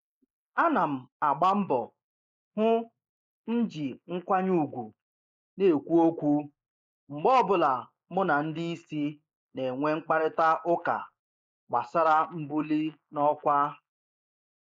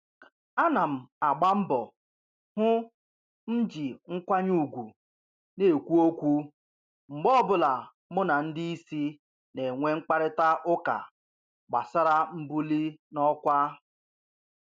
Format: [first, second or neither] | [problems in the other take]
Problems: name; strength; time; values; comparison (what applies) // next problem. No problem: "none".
second | noise reduction (neural mask model Resemble Enhance denoiser)